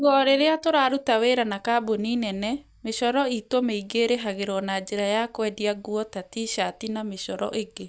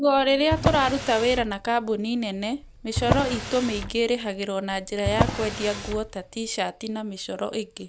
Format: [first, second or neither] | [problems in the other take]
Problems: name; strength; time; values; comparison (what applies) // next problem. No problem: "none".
first | background sound (Drawer open or close); 4 dB below the speech